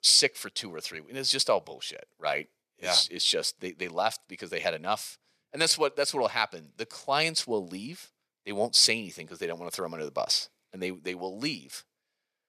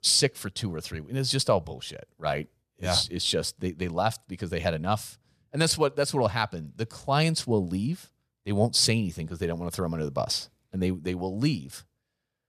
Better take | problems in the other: second | thin; somewhat; fading below 350 Hz

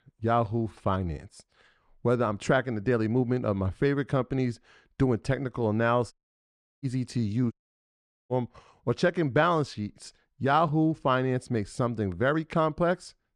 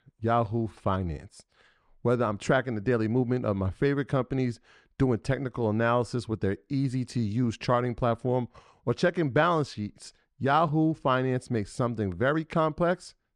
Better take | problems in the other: second | audio cutting out; at 6 s for 0.5 s and at 7.5 s for 1 s

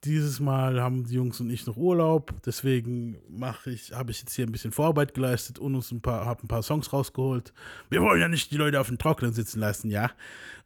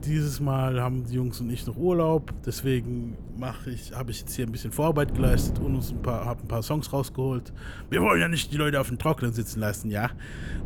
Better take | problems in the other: first | wind noise on the microphone; occasional gusts; 15 dB below the speech

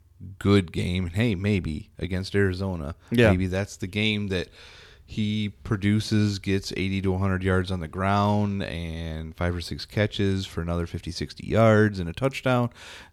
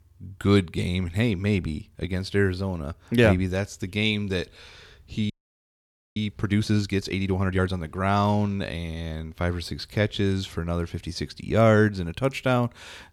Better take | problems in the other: first | audio freezing; at 5.5 s for 1 s

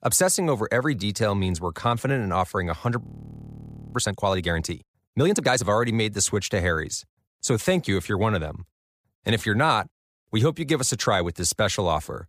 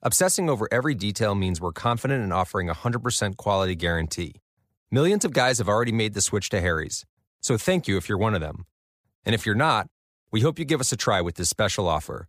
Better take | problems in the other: second | audio freezing; at 3 s for 1 s

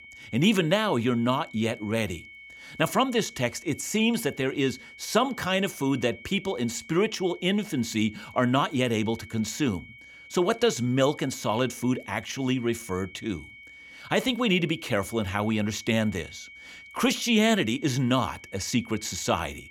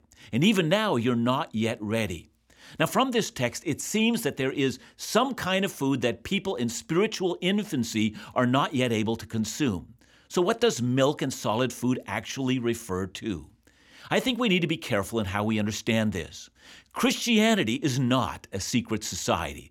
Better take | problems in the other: second | high-pitched whine; noticeable; throughout; 2 kHz, 20 dB below the speech

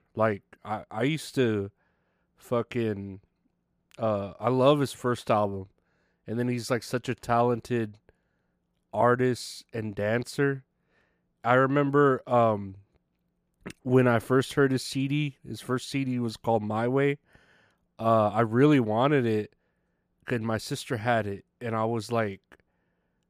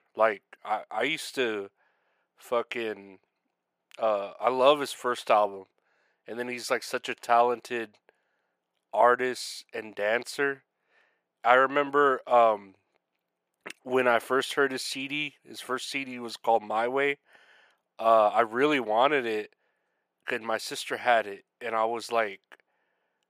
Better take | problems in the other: first | thin; somewhat; fading below 450 Hz

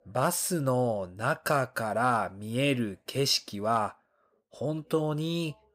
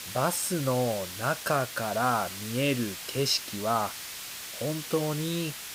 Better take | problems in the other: first | hiss; loud; throughout; 8 dB below the speech

